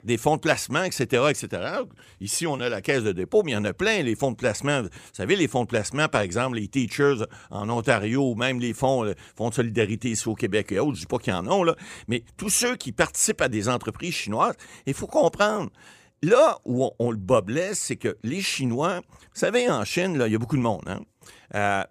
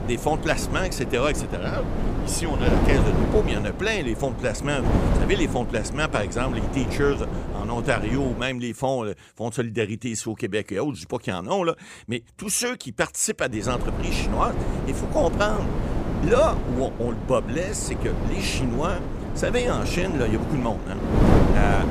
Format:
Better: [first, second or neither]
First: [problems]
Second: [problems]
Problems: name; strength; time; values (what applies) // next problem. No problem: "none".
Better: first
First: none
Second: wind noise on the microphone; heavy; until 8.5 s and from 14 s on; 5 dB below the speech